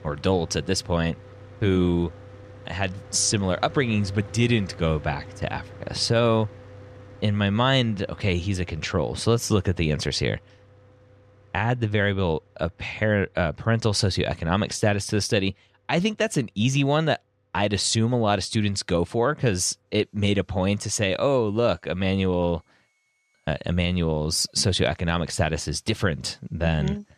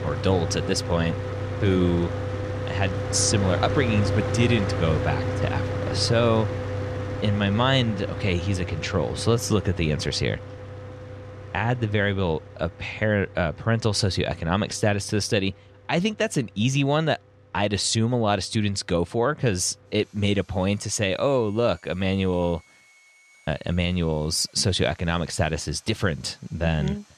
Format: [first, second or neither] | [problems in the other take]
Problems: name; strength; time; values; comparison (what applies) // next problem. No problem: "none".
first | machinery noise; loud; throughout; 5 dB below the speech; faint in the first